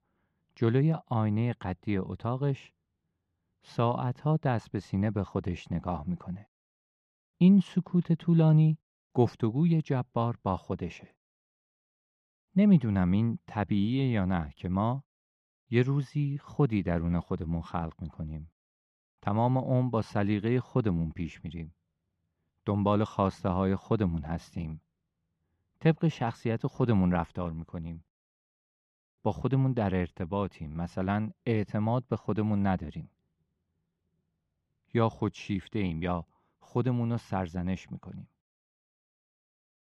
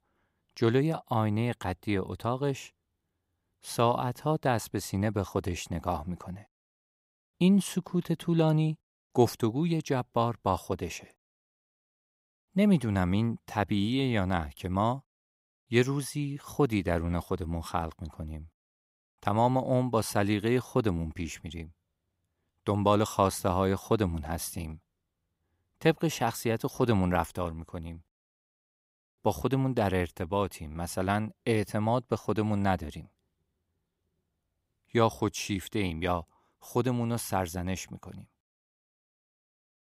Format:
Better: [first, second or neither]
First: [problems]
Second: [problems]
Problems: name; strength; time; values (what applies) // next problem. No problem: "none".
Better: second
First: muffled; slightly; fading above 3.5 kHz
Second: none